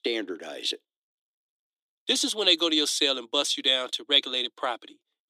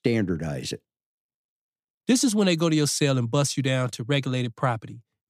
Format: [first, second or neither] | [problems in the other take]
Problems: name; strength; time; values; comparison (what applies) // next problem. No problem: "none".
second | thin; somewhat; fading below 300 Hz